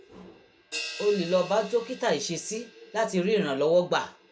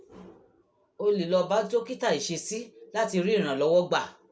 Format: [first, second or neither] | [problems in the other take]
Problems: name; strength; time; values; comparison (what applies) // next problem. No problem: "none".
second | background sound (Crash cymbal); 16 dB below the speech